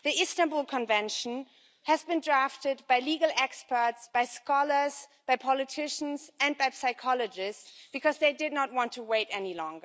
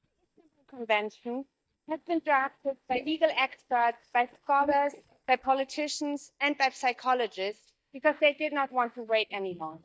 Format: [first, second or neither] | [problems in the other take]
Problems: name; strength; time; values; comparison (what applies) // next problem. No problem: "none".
first | noise reduction (neural mask model DeepFilterNet 3)